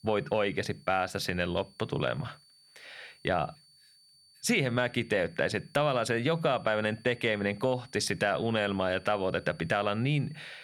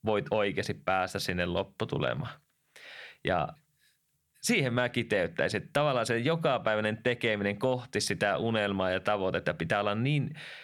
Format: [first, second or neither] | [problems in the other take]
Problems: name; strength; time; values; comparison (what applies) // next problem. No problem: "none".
second | high-pitched whine; faint; throughout; 4.5 kHz, 30 dB below the speech